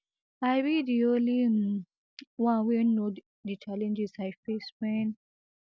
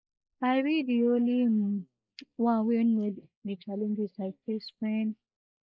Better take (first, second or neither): first